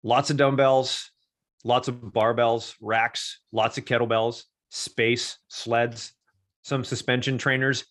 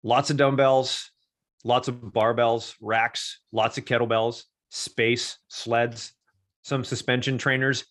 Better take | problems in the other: neither | none

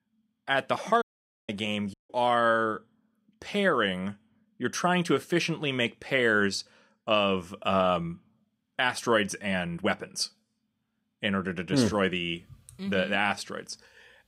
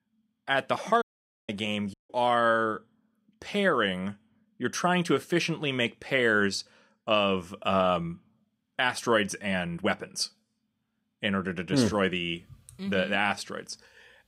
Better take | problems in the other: neither | audio cutting out; at 1 s and at 2 s; the same in both

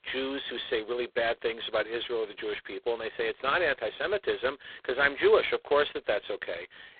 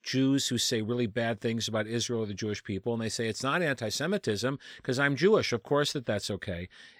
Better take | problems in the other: second | phone-call audio; poor line; nothing above 3.5 kHz

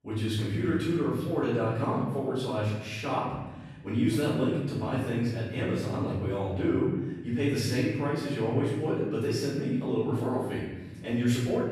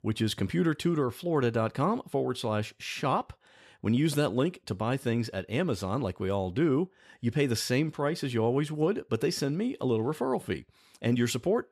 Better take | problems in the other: second | off-mic speech; far // room echo; strong; dies away in 1.4 s

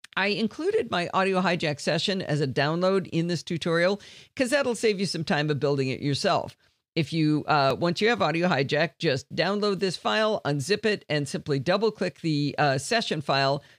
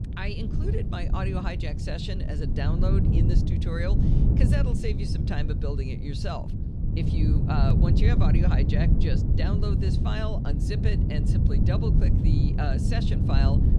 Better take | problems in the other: first | wind noise on the microphone; heavy; 1 dB below the speech

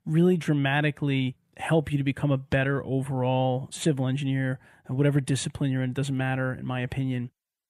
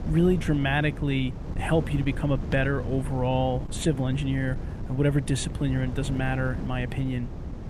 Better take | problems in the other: first | wind noise on the microphone; occasional gusts; 15 dB below the speech

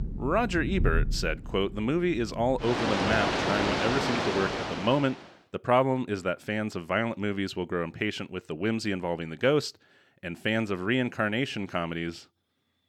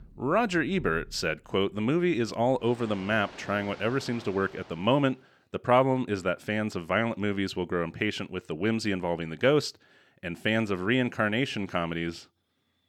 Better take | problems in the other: second | rain or running water; loud; until 4.5 s; 1 dB below the speech; faint in the second

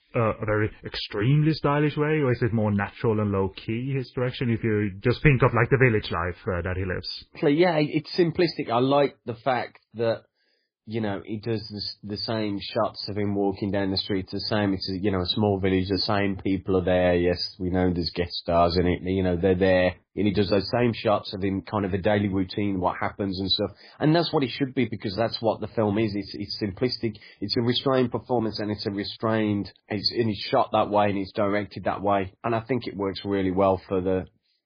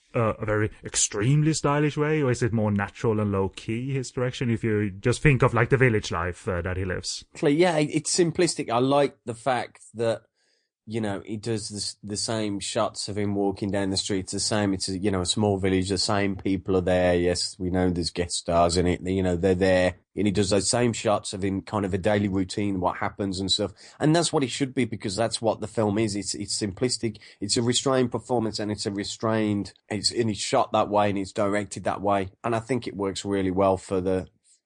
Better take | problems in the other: second | garbled, watery; badly; slightly in the second

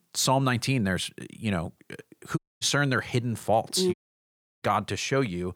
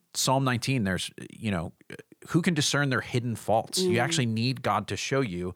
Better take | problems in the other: second | audio cutting out; at 2.5 s and at 4 s for 0.5 s

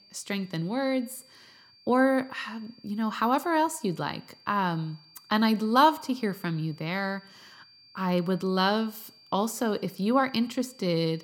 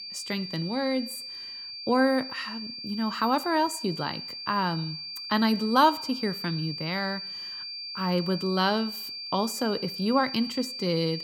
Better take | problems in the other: first | high-pitched whine; loud; throughout; 4.5 kHz, 7 dB below the speech; faint in the first

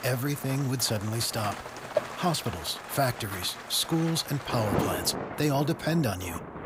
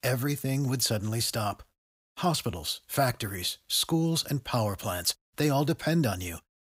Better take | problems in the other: second | rain or running water; loud; throughout; 7 dB below the speech

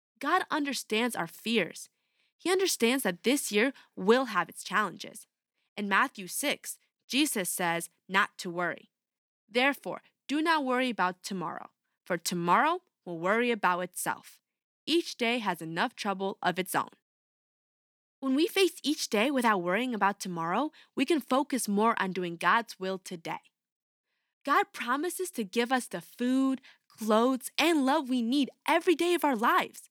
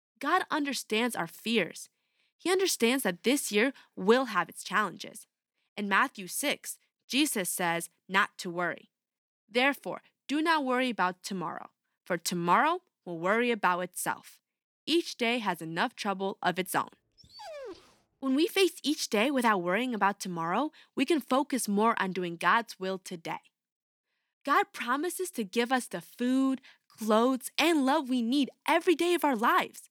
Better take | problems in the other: first | dog barking; faint; at 17 s; peak 15 dB below the speech

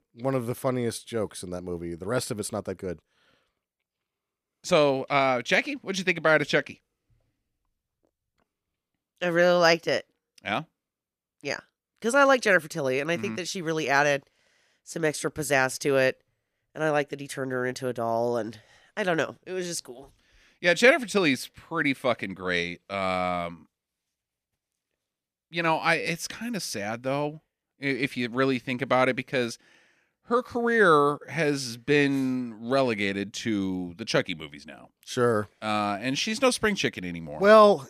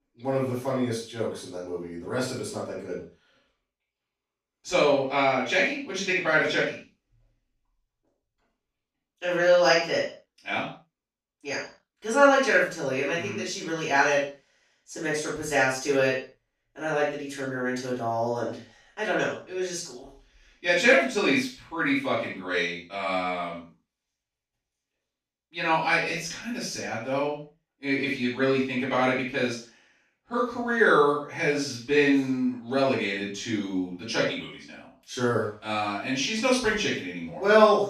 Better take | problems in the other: first | room echo; noticeable; dies away in 0.3 s // off-mic speech; far

